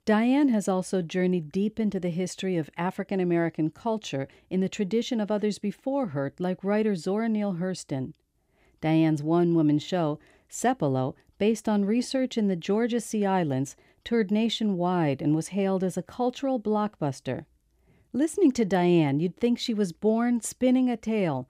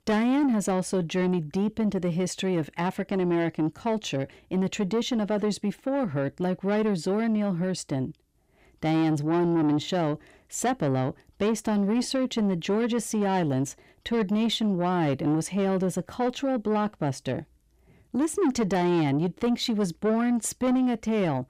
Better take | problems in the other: first | distortion; slight; 10 dB below the speech

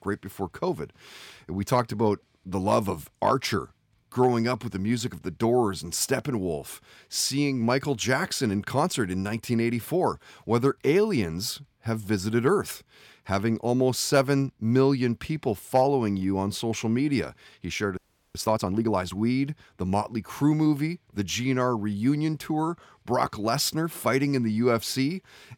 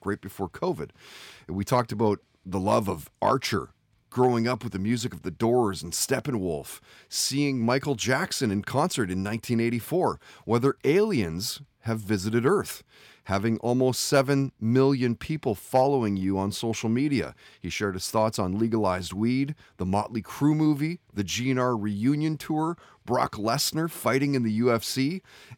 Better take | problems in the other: second | audio freezing; at 18 s

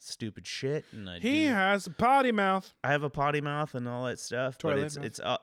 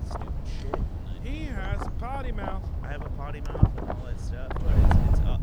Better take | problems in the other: first | wind noise on the microphone; heavy; 3 dB above the speech

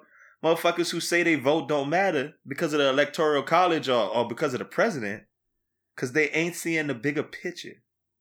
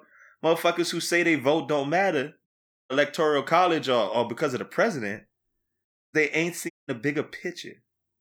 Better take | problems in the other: first | audio cutting out; at 2.5 s, at 6 s and at 6.5 s

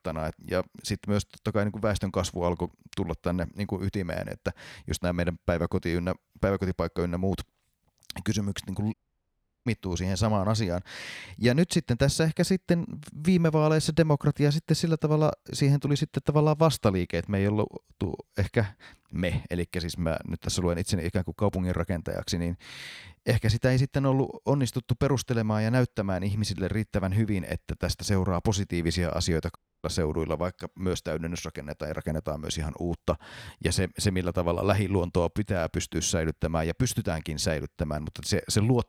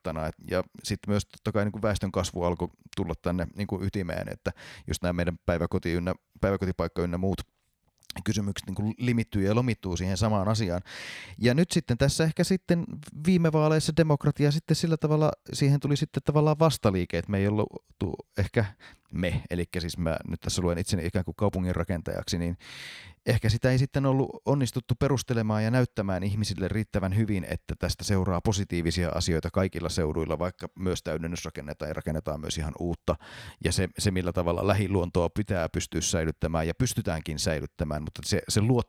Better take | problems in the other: second | audio cutting out; at 9 s for 0.5 s and at 30 s

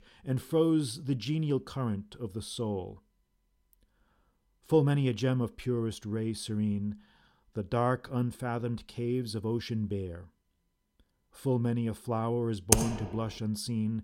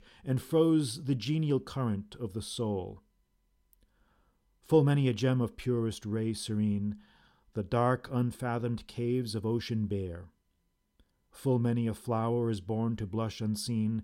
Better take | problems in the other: second | keyboard typing; loud; at 13 s; peak 6 dB above the speech

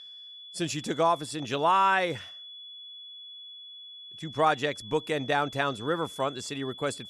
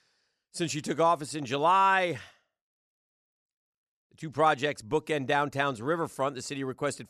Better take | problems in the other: second | high-pitched whine; noticeable; throughout; 3.5 kHz, 15 dB below the speech

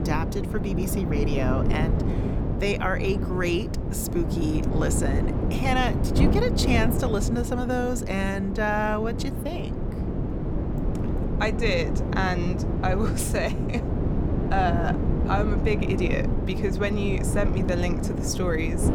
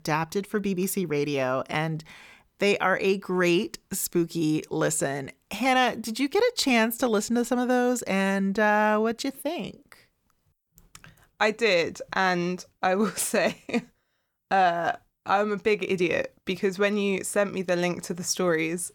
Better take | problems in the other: second | wind noise on the microphone; heavy; 5 dB below the speech

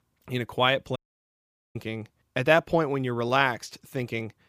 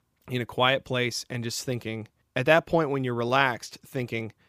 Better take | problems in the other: second | audio cutting out; at 1 s for 1 s

